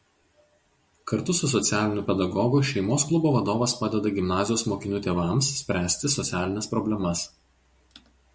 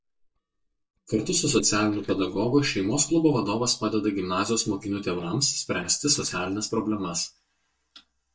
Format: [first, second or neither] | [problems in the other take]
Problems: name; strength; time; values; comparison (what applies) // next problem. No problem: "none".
first | noise reduction (neural mask model DeepFilterNet 3)